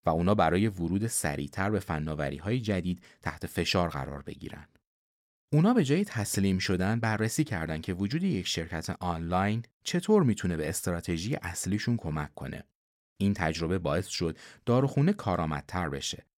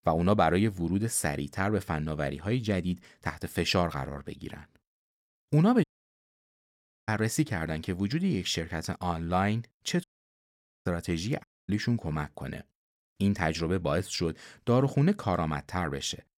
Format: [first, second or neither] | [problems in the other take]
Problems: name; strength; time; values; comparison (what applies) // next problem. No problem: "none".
first | audio cutting out; at 6 s for 1 s, at 10 s for 1 s and at 11 s